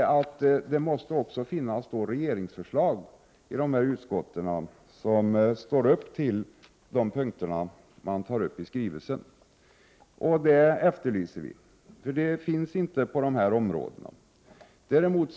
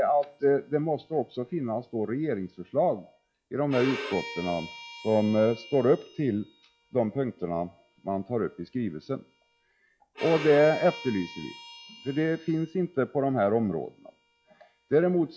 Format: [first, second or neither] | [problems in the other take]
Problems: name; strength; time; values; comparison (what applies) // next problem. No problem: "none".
first | noise reduction (classical method log-MMSE)